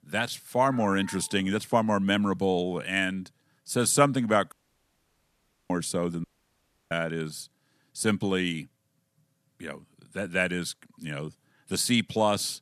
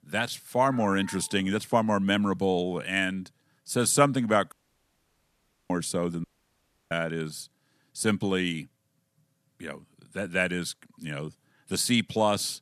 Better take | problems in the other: neither | audio cutting out; at 4.5 s for 1 s and at 6 s for 0.5 s; the same in both

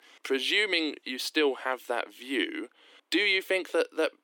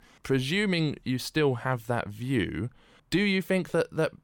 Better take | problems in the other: second | thin; somewhat; fading below 300 Hz

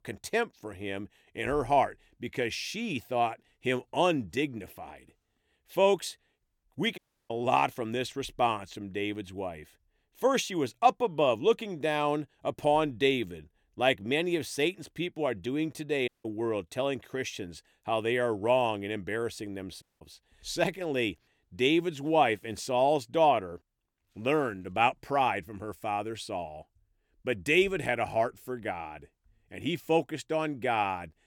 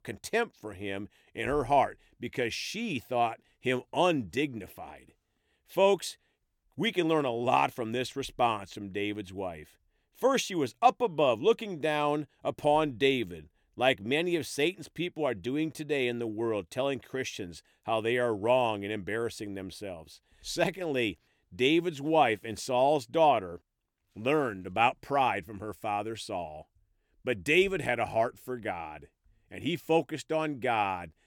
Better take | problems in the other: second | audio cutting out; at 7 s, at 16 s and at 20 s

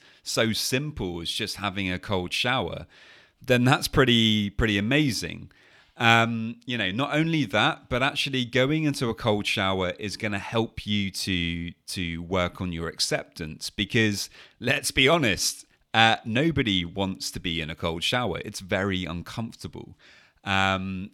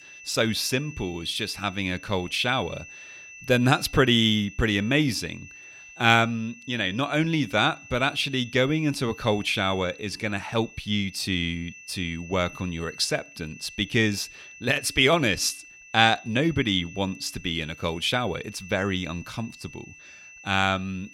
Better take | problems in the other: first | high-pitched whine; noticeable; throughout; 2.5 kHz, 20 dB below the speech

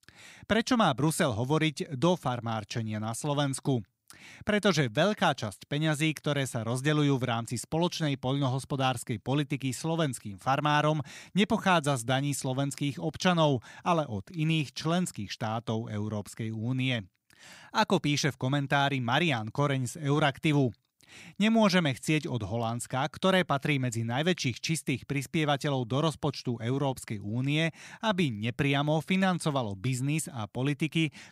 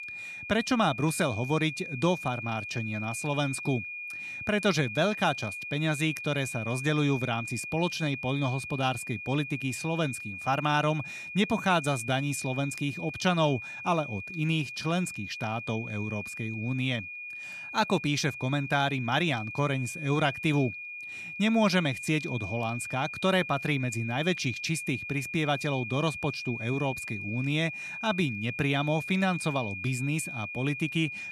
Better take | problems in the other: first | high-pitched whine; loud; throughout; 2.5 kHz, 7 dB below the speech

